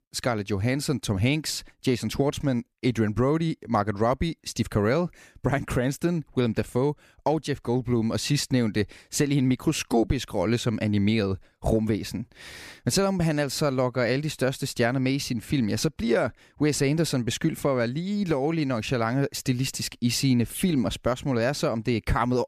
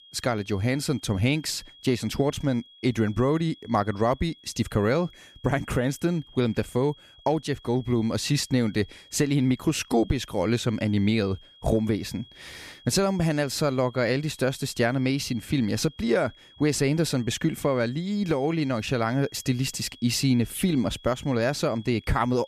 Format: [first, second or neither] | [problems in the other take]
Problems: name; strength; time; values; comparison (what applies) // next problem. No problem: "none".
first | high-pitched whine; faint; throughout; 3.5 kHz, 25 dB below the speech